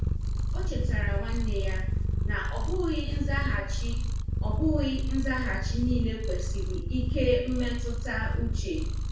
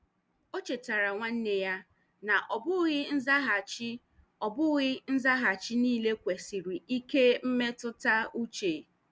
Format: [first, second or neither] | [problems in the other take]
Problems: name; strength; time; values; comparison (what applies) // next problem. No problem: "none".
second | background sound (Purr); 5 dB above the speech // room echo; dies away in 0.6 s